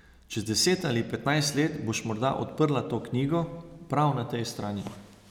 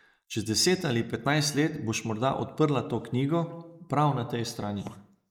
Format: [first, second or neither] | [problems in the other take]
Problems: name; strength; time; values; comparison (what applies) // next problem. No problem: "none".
first | noise reduction (neural mask model Resemble Enhance denoiser)